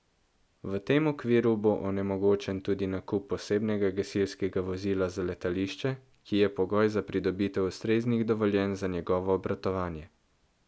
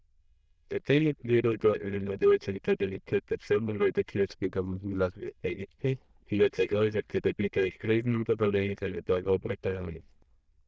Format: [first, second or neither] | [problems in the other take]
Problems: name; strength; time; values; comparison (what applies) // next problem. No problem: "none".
first | noise reduction (neural diffusion model UNIVERSE++)